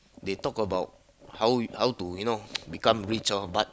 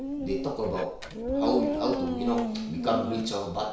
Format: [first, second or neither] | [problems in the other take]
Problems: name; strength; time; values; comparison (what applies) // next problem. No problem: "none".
first | background sound (Dog); 1 dB below the speech // room echo; dies away in 0.6 s